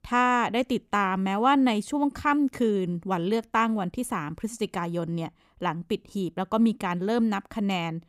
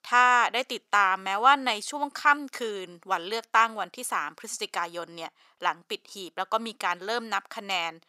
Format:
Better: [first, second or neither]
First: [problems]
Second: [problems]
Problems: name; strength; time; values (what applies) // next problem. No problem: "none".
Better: first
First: none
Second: thin; very; fading below 700 Hz